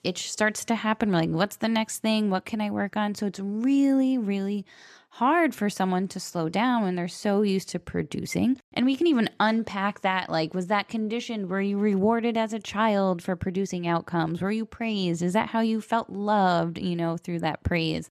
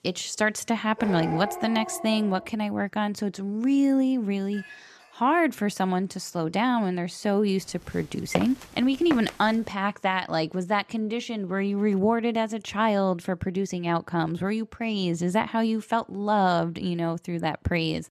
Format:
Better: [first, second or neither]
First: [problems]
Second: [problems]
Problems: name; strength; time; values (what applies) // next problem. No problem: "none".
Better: first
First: none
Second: dog barking; noticeable; from 1 to 2.5 s; peak 7 dB below the speech // clattering dishes; faint; at 4.5 s; peak 20 dB below the speech // footsteps; noticeable; at 8.5 s; peak 6 dB below the speech